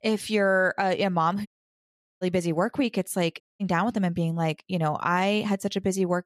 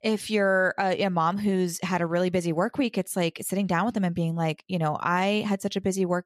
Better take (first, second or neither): second